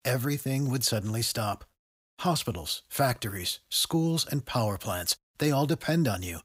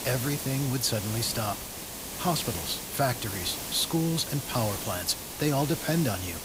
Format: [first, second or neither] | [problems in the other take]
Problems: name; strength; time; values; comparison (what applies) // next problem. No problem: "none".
first | hiss; loud; throughout; 5 dB below the speech